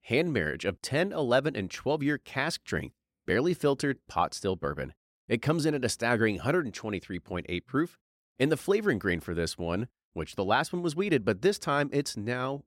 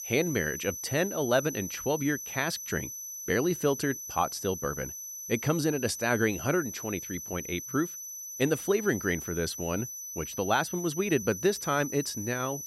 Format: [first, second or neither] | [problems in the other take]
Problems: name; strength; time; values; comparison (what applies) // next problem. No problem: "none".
first | high-pitched whine; loud; throughout; 6 kHz, 7 dB below the speech